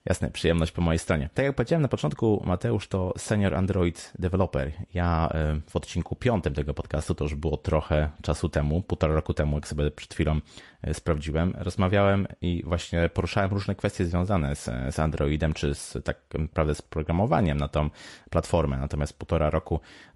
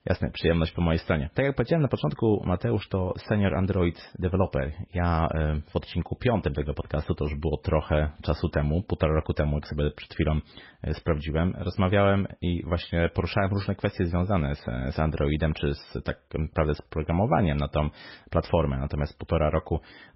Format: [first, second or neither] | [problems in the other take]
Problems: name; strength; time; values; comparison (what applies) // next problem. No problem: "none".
first | garbled, watery; badly; nothing above 5.5 kHz; slightly in the first